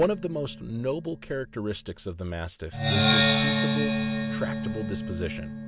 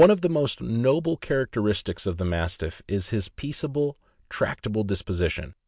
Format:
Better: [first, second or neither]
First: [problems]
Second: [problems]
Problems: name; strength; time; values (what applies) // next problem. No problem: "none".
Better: second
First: background sound (Percussion); 4 dB above the speech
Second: none